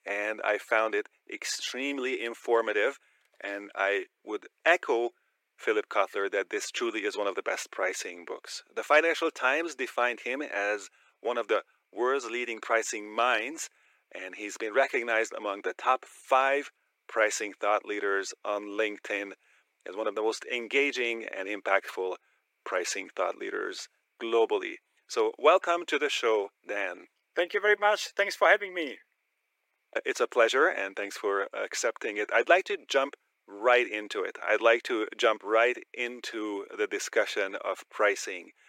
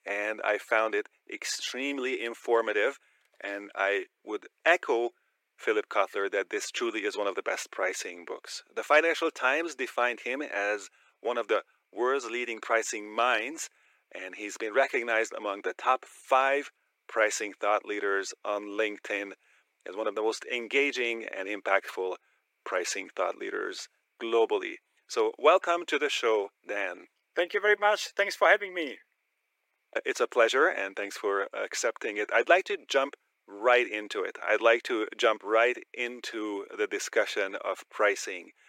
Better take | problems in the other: neither | thin; very; fading below 350 Hz; the same in both

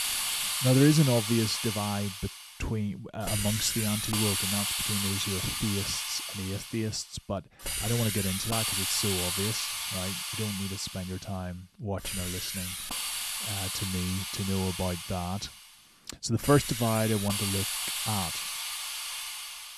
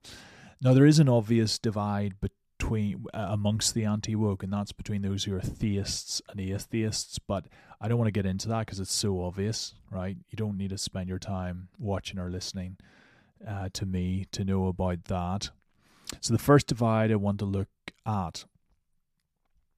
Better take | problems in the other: second | hiss; loud; throughout; as loud as the speech

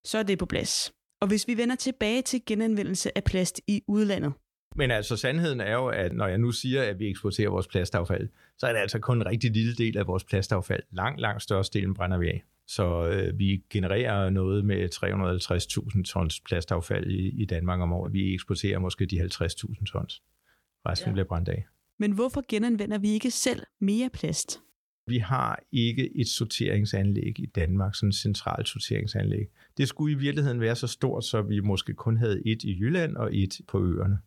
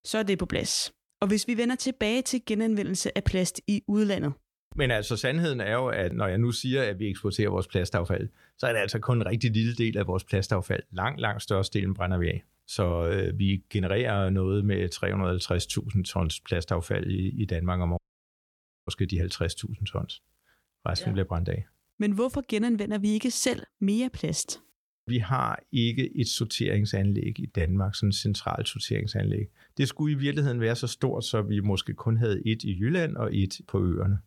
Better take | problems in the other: first | audio cutting out; at 18 s for 1 s

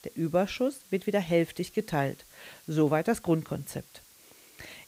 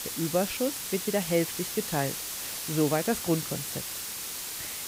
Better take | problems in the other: first | hiss; loud; throughout; 3 dB below the speech; faint in the first

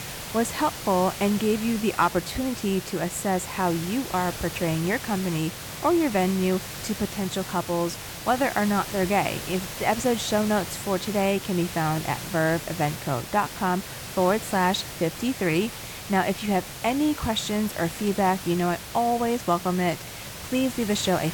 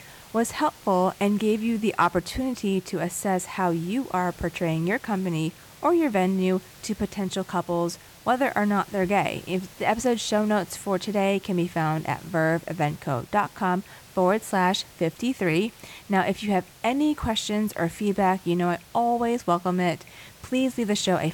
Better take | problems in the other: second | hiss; loud; throughout; 9 dB below the speech; faint in the second

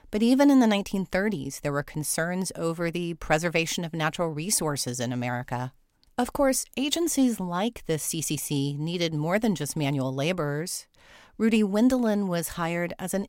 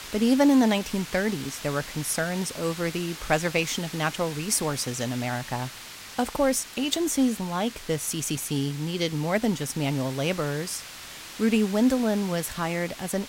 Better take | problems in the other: first | hiss; noticeable; throughout; 10 dB below the speech

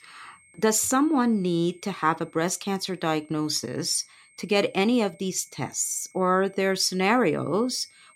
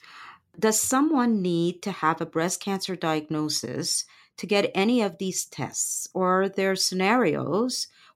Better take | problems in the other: second | high-pitched whine; faint; throughout; 2 kHz, 30 dB below the speech

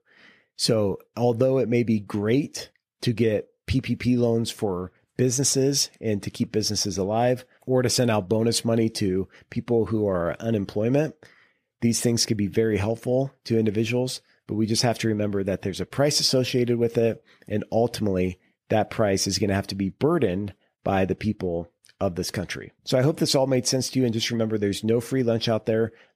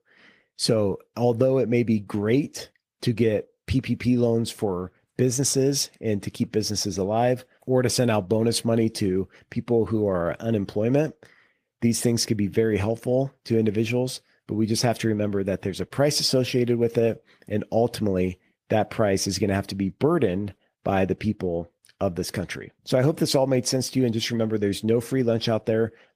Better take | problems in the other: first | garbled, watery; slightly; nothing above 15 kHz

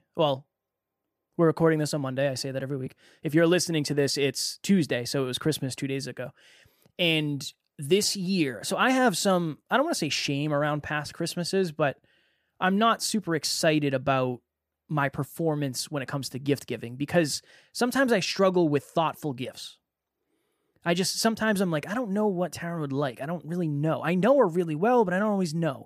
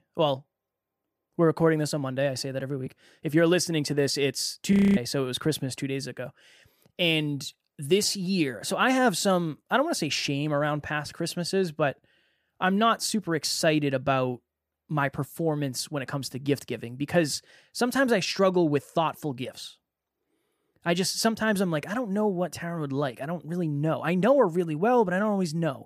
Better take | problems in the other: first | audio freezing; at 4.5 s

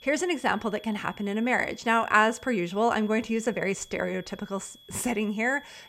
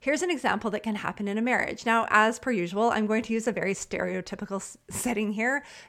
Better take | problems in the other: second | high-pitched whine; faint; throughout; 3.5 kHz, 25 dB below the speech

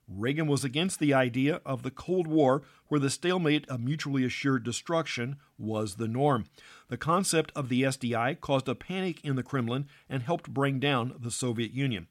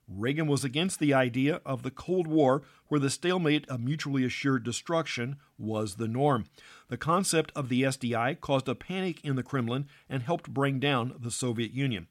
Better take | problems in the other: neither | none

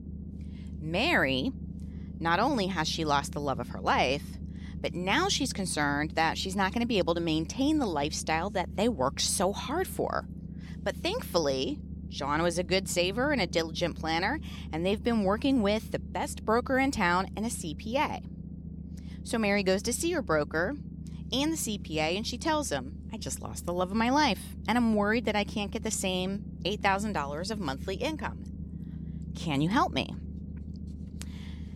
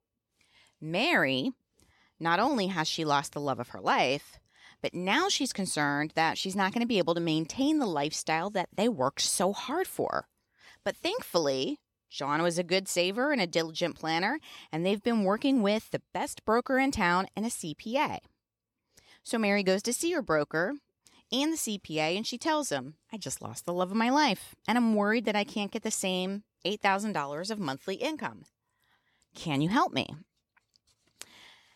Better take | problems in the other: second | low rumble; faint; throughout; 20 dB below the speech

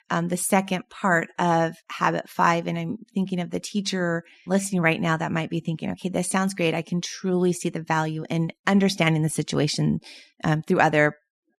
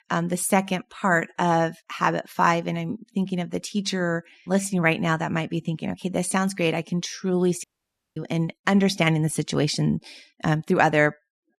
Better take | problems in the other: first | audio cutting out; at 7.5 s for 0.5 s

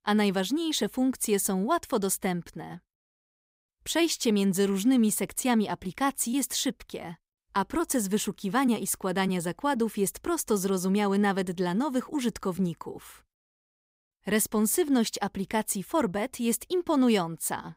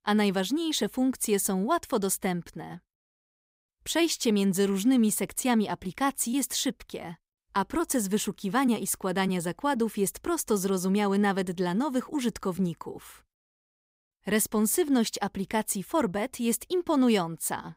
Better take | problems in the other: neither | none

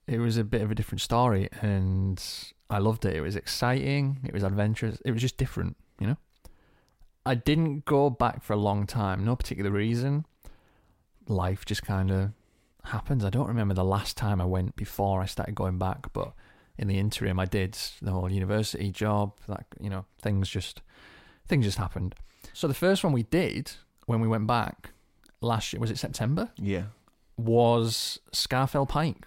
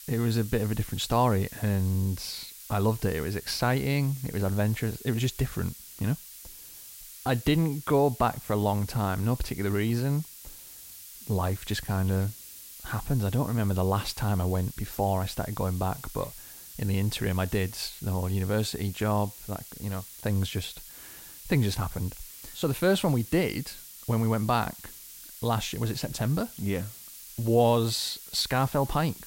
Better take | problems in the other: first | hiss; noticeable; throughout; 15 dB below the speech

